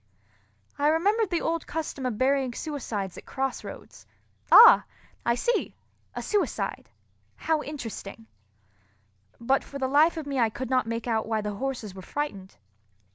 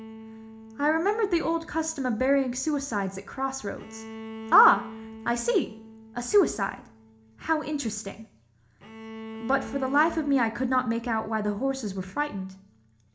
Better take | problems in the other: first | background sound (Bowed string instrument); 16 dB below the speech // room echo; dies away in 0.4 s

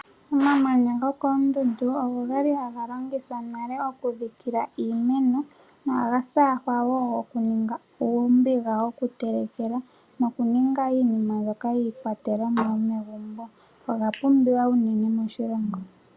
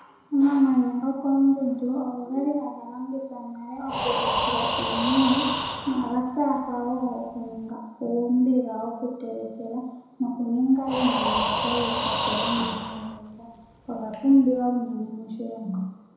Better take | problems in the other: first | background sound (Breathing); 3 dB below the speech // room echo; dies away in 1 s

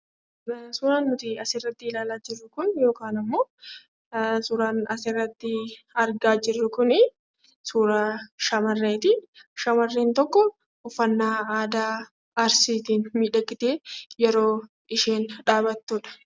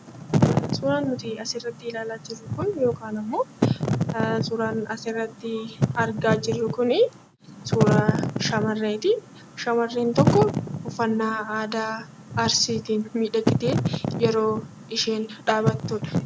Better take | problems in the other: first | background sound (Wind / Fire); 2 dB below the speech

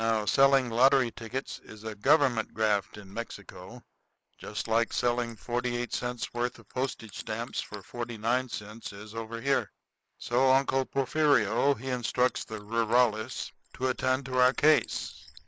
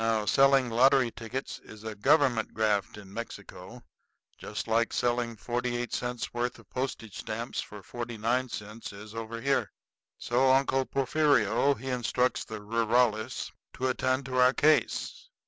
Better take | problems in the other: second | noise reduction (neural mask model Resemble Enhance denoiser)

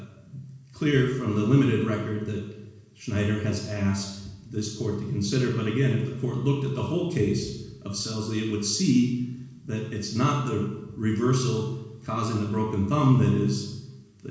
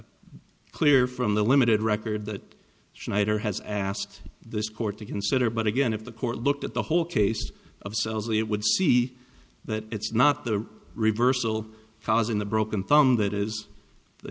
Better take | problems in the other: second | room echo; dies away in 1.1 s

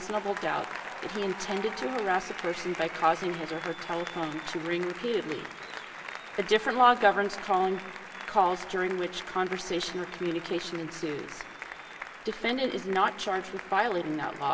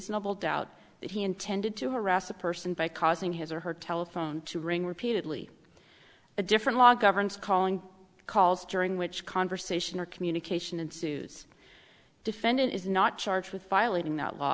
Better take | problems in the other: second | background sound (Applause); 11 dB below the speech // room echo; dies away in 2.2 s

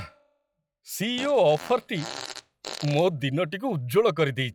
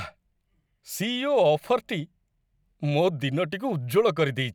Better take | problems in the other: second | noise reduction (classical method log-MMSE)

